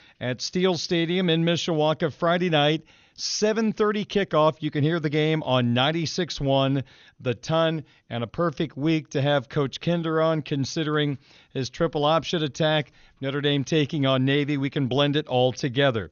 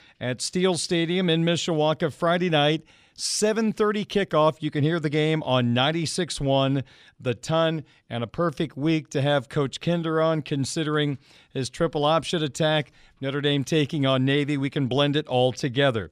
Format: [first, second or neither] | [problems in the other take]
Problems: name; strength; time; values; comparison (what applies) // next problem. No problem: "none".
second | garbled, watery; slightly; nothing above 6.5 kHz